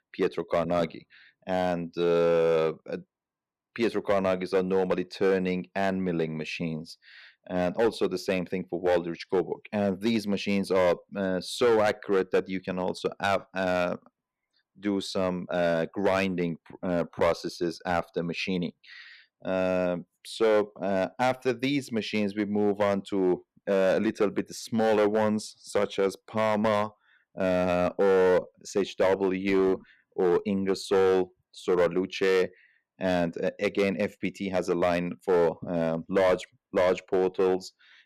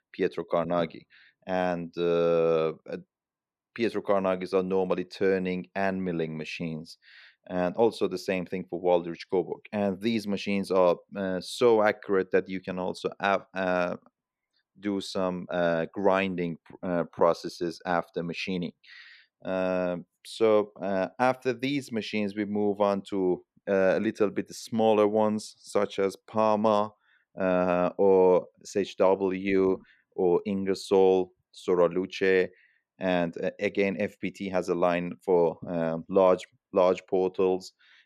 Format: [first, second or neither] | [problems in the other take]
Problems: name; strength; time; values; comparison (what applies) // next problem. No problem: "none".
second | distortion; slight; 5% of the sound clipped